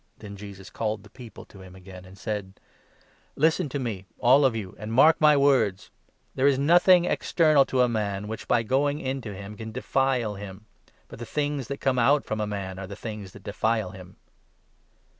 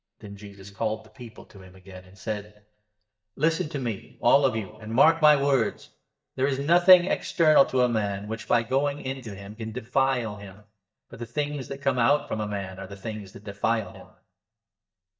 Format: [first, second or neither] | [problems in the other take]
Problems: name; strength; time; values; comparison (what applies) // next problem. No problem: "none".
first | noise reduction (neural mask model DeepFilterNet 3)